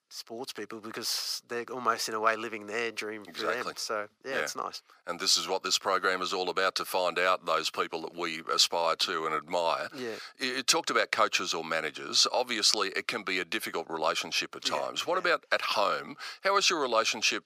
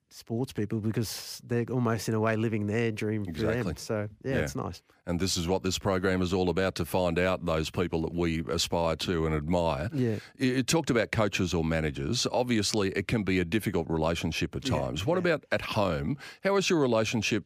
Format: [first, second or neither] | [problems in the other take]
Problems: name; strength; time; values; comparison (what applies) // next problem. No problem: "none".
second | thin; very; fading below 550 Hz